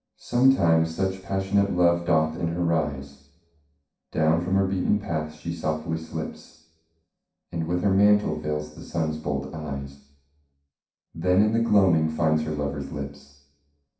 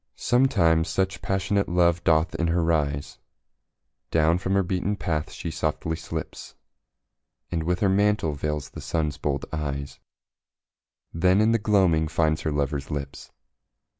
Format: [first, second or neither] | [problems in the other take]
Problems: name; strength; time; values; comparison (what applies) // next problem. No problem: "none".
second | room echo; dies away in 0.6 s